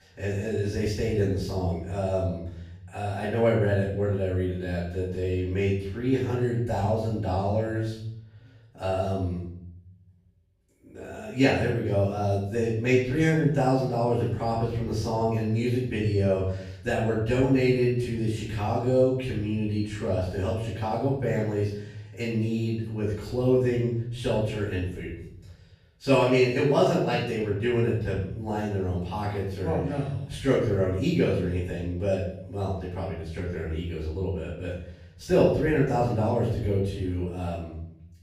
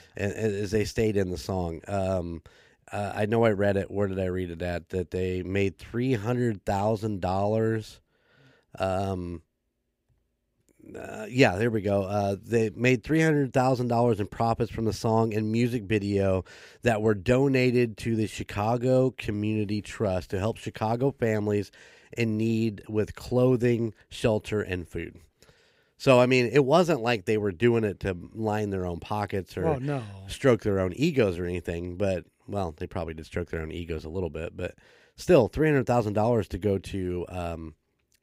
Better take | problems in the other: second | room echo; noticeable; dies away in 0.9 s // off-mic speech; far

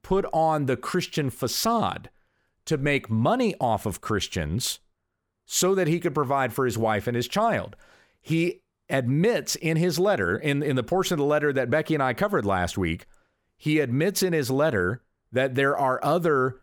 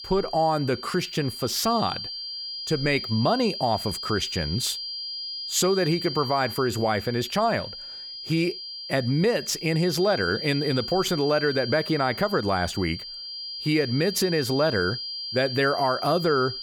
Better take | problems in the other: first | high-pitched whine; loud; throughout; 4.5 kHz, 7 dB below the speech

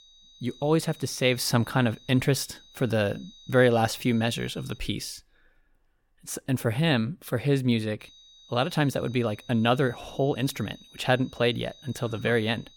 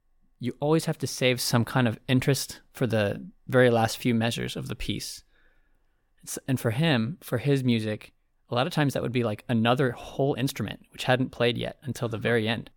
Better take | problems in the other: second | high-pitched whine; faint; until 5 s and from 8 s on; 4 kHz, 25 dB below the speech

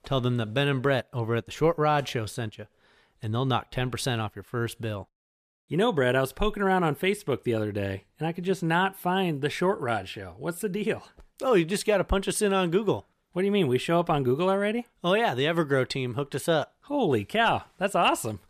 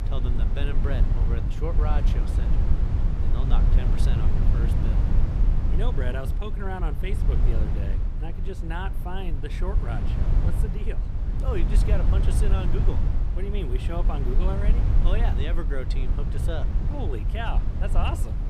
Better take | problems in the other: first | low rumble; loud; throughout; 3 dB below the speech

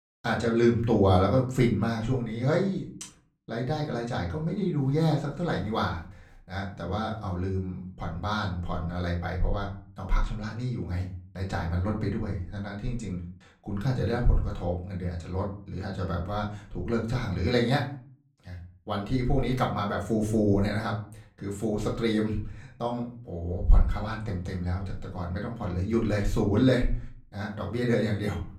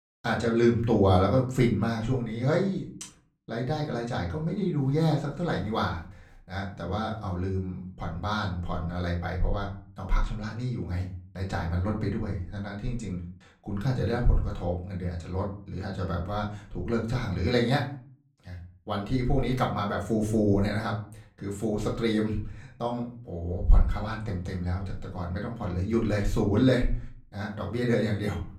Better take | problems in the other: neither | off-mic speech; far; the same in both // room echo; slight; dies away in 0.4 s; the same in both

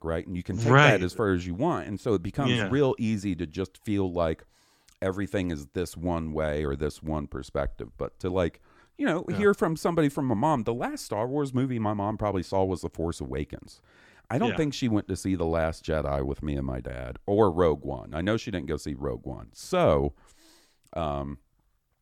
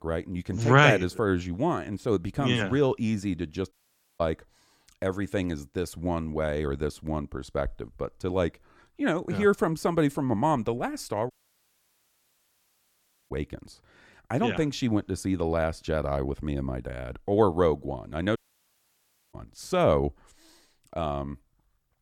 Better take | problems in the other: first | audio cutting out; at 3.5 s, at 11 s for 2 s and at 18 s for 1 s

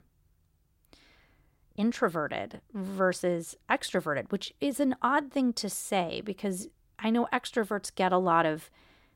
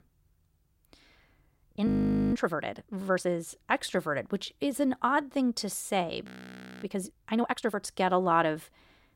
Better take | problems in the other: first | audio freezing; at 2 s and at 6.5 s for 0.5 s

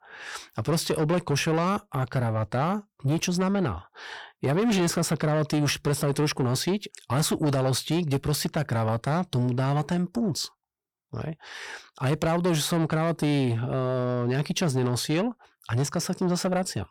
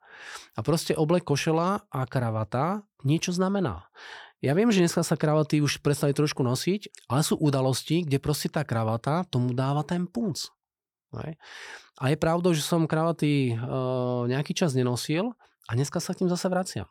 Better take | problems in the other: second | distortion; slight; 10 dB below the speech

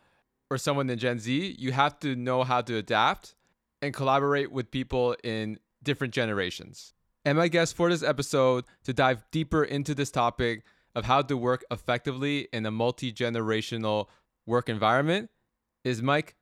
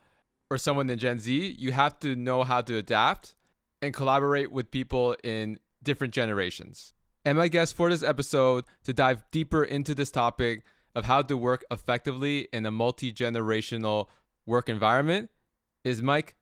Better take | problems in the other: first | garbled, watery; slightly

